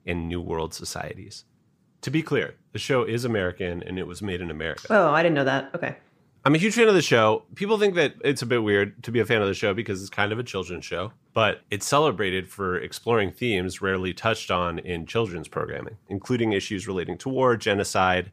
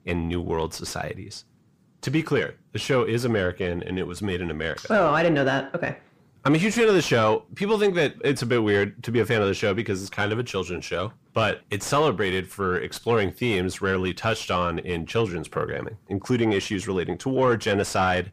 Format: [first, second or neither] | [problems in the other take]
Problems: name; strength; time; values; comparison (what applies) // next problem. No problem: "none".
first | distortion; slight; 10 dB below the speech